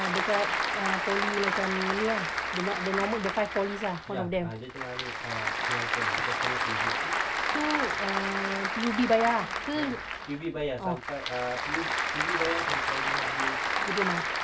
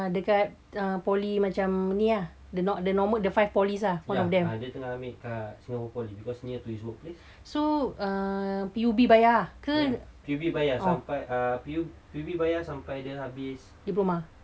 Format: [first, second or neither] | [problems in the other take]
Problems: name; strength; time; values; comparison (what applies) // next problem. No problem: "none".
second | background sound (Applause / Crowd); 2 dB above the speech